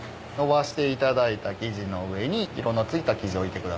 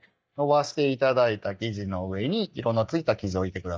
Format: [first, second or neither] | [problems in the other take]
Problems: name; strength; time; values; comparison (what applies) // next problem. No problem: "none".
first | noise reduction (neural mask model DeepFilterNet 3)